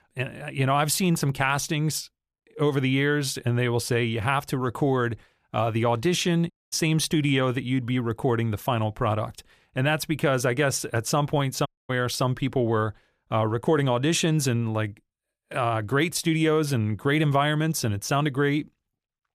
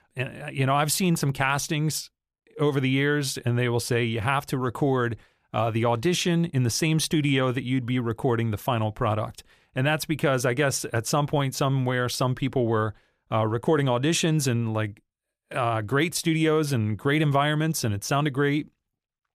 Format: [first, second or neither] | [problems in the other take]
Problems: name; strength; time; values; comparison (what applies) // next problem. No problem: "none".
second | audio cutting out; at 6.5 s and at 12 s